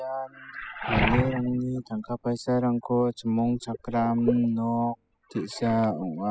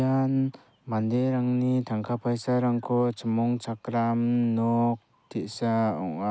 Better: second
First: noise reduction (classical method spectral subtraction)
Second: none

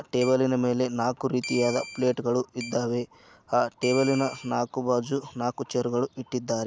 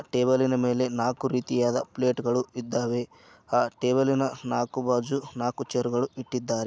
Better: second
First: background sound (Keyboard (musical)); 14 dB below the speech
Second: none

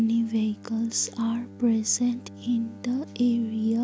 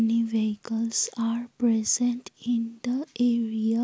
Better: second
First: background sound (Bowed string instrument); 18 dB below the speech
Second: none

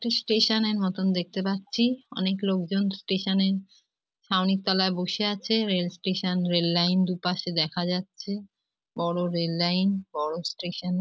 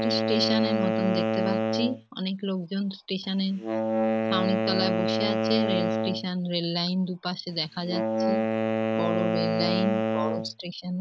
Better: first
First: none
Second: background sound (Wind instrument, woodwind instrument); 2 dB above the speech

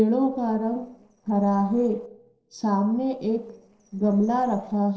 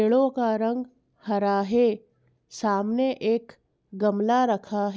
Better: second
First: noise reduction (neural separator model SepFormer DNS4)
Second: none

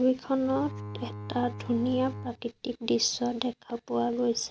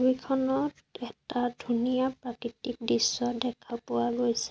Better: second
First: background sound (Bowed string instrument); 10 dB below the speech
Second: none

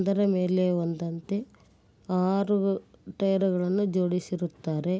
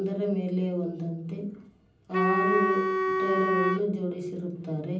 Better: first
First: none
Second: background sound (Wind instrument, woodwind instrument); 2 dB above the speech // room echo; dies away in 0.6 s

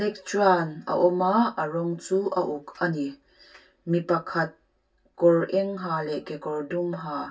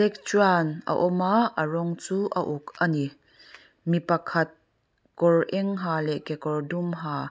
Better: second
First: room echo; dies away in 0.1 s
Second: none

